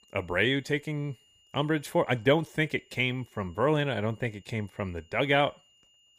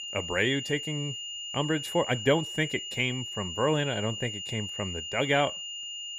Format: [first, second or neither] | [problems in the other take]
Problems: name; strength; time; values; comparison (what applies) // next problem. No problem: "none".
first | high-pitched whine; loud; throughout; 3 kHz, 6 dB below the speech; faint in the first